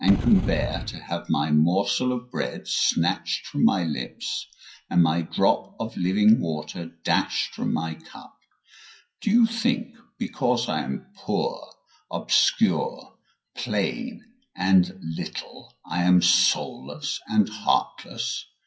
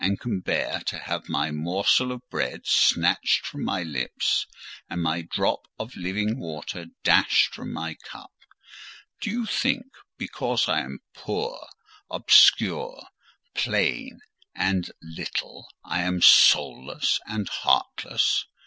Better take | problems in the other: second | noise reduction (classical method WPE with log-MMSE)

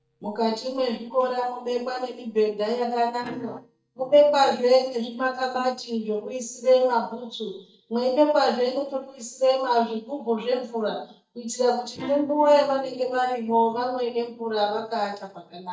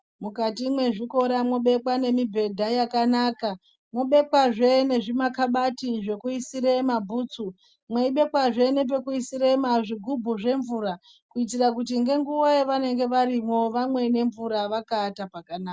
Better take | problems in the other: second | noise reduction (neural mask model DeepFilterNet 3)

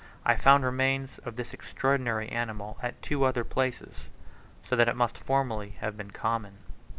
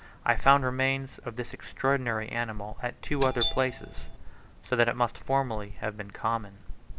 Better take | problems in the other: first | background sound (Doorbell); 6 dB below the speech

